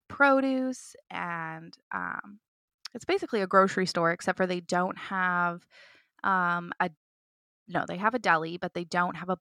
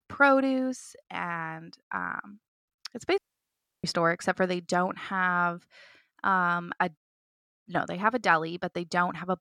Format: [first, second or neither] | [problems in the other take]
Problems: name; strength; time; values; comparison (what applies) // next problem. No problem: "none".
first | audio cutting out; at 3 s for 0.5 s